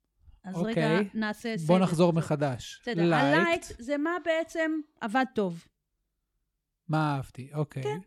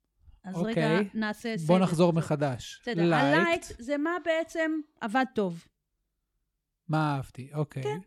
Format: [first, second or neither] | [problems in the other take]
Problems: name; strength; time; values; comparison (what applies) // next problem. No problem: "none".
neither | none